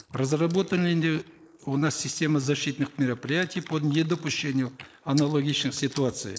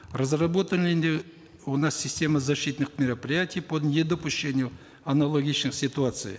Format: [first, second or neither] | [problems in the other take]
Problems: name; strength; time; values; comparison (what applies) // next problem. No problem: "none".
second | noise reduction (neural mask model Resemble Enhance denoiser)